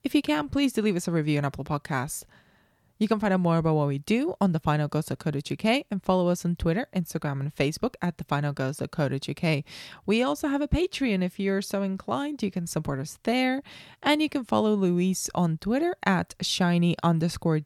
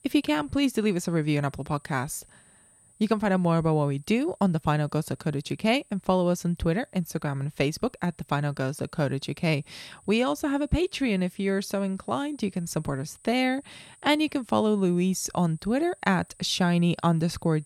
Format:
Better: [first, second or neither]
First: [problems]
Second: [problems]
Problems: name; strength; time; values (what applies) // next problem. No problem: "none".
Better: first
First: none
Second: high-pitched whine; faint; throughout; 9 kHz, 30 dB below the speech